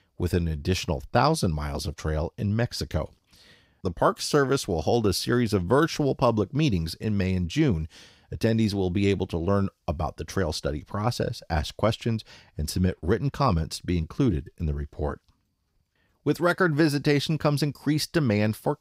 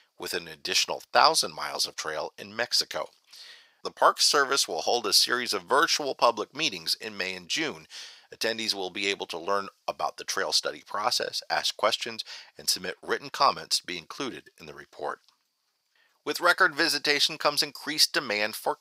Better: first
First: none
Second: thin; very; fading below 800 Hz

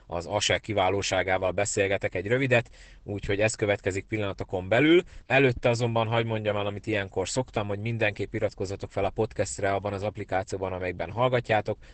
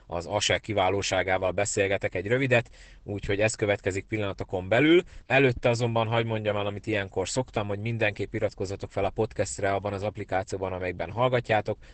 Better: neither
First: garbled, watery; badly; nothing above 8 kHz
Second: garbled, watery; badly; nothing above 8 kHz

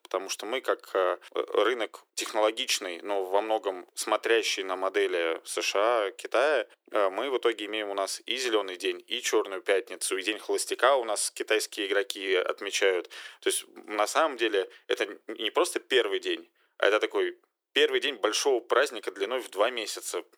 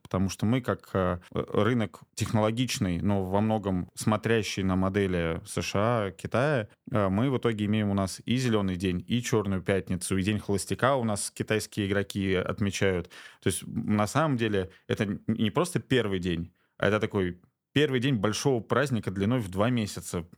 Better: second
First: thin; very; fading below 350 Hz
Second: none

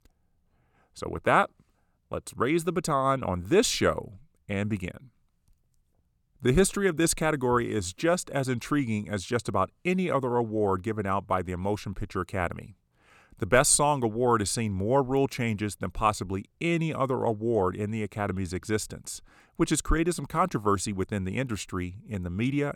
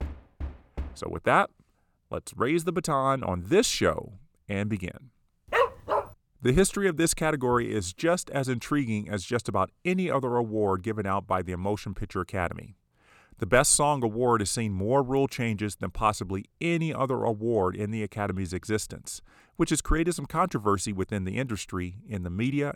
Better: first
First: none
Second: door banging; faint; at the start; peak 10 dB below the speech // dog barking; loud; at 5.5 s; peak 2 dB above the speech

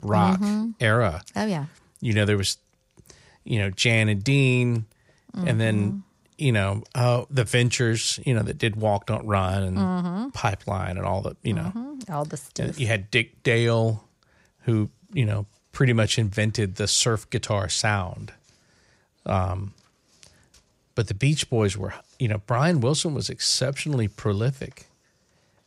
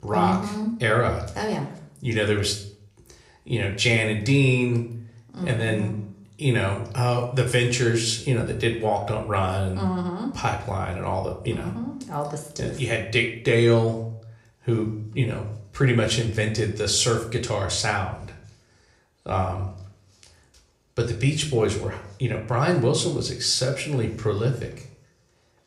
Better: first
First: none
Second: room echo; slight; dies away in 0.5 s

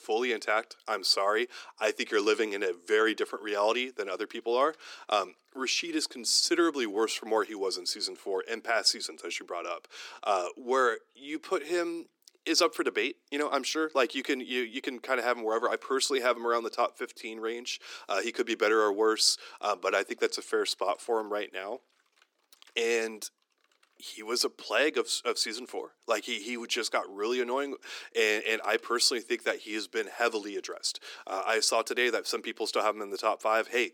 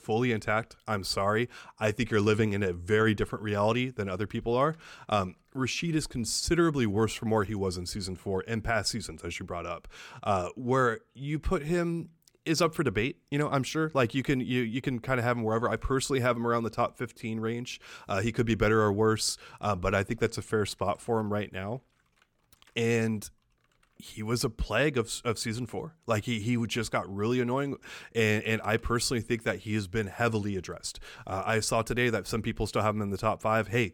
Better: second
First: thin; somewhat; fading below 300 Hz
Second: none

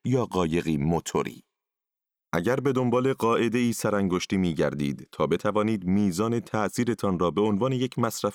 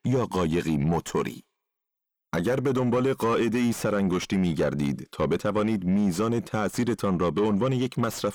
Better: first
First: none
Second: distortion; slight; 10 dB below the speech

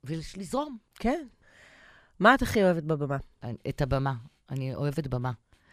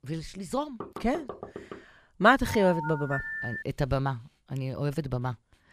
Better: first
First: none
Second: door banging; faint; from 1 to 2 s; peak 10 dB below the speech // phone ringing; noticeable; from 2.5 to 3.5 s; peak 5 dB below the speech

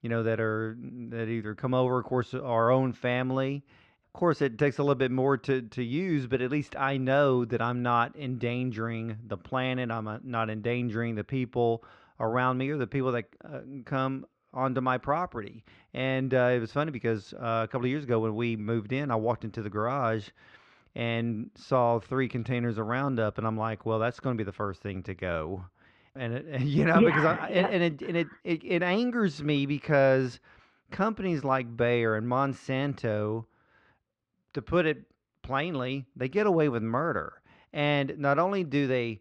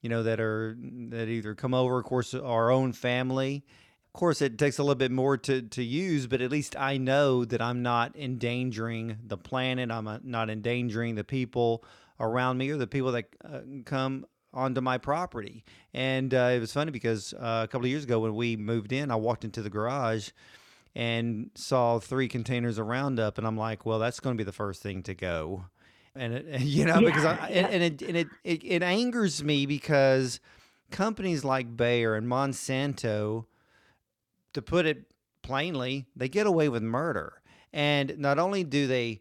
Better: second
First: muffled; slightly; fading above 3 kHz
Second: none

